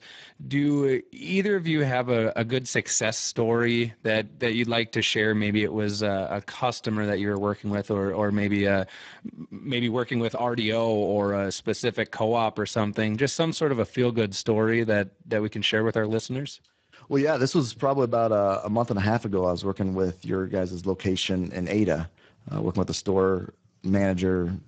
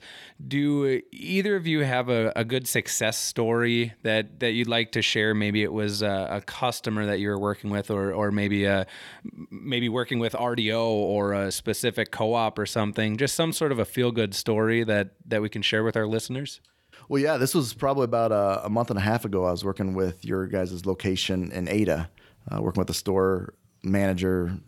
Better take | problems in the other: second | garbled, watery; badly; nothing above 7.5 kHz

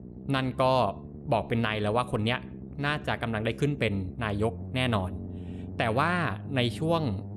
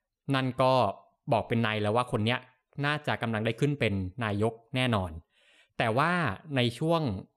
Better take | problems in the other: second | low rumble; noticeable; throughout; 20 dB below the speech

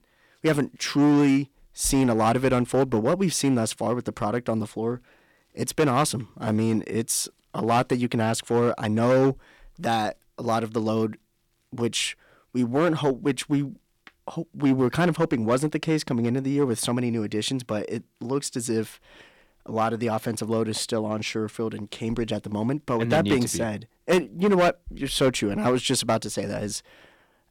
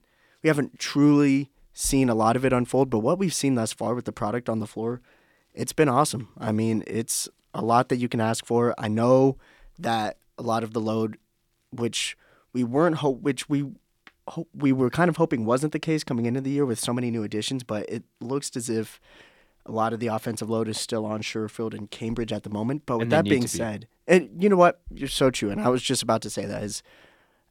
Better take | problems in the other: second | distortion; slight; 4% of the sound clipped

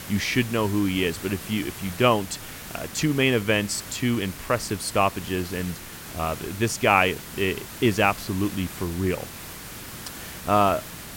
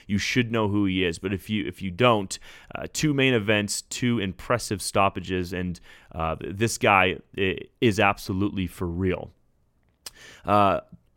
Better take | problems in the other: second | hiss; noticeable; throughout; 10 dB below the speech

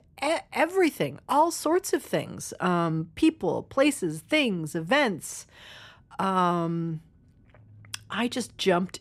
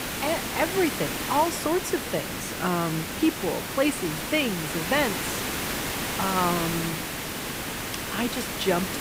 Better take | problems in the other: first | hiss; loud; throughout; 2 dB below the speech

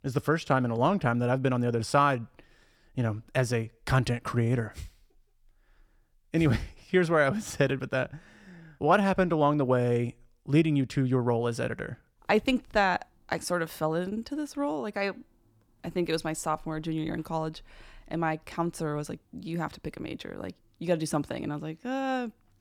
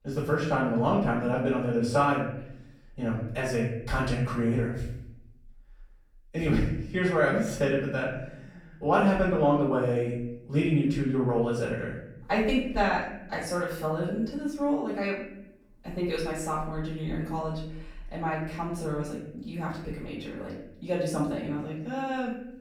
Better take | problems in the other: first | off-mic speech; far // room echo; noticeable; dies away in 0.7 s

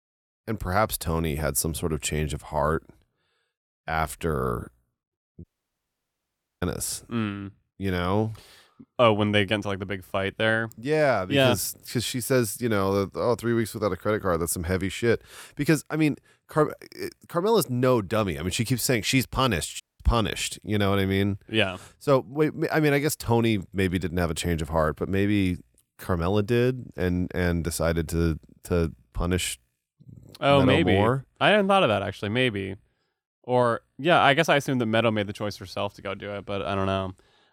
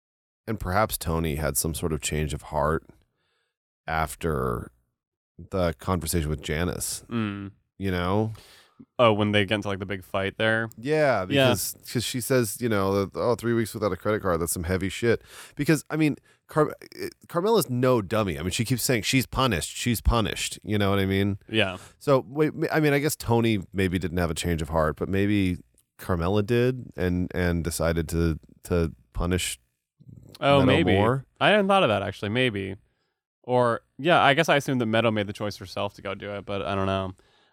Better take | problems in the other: second | audio cutting out; at 5.5 s for 1 s and at 20 s

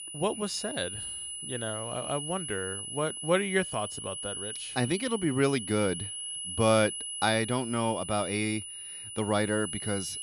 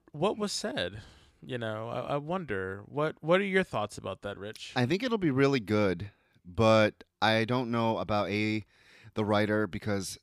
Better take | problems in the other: second | high-pitched whine; loud; throughout; 10 kHz, 6 dB below the speech

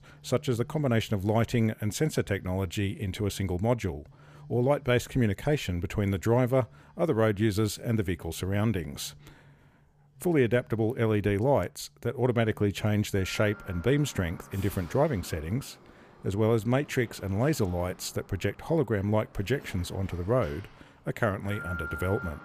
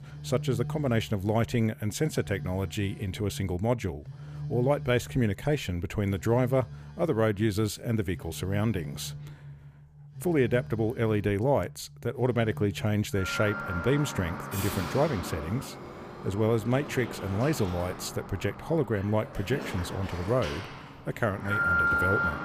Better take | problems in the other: first | alarms or sirens; loud; throughout; 7 dB below the speech; faint in the first

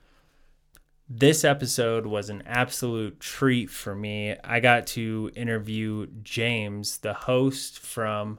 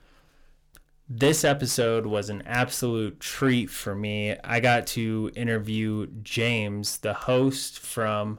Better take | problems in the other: first | distortion; slight; 10 dB below the speech

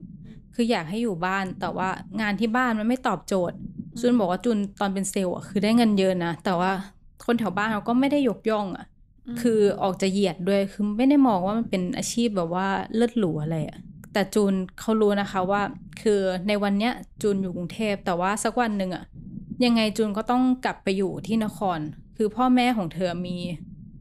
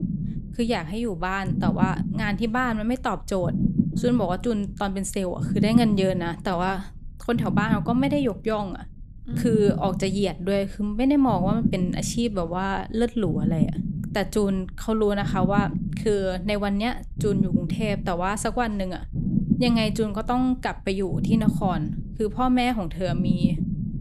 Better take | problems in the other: first | low rumble; loud; throughout; 8 dB below the speech; faint in the first

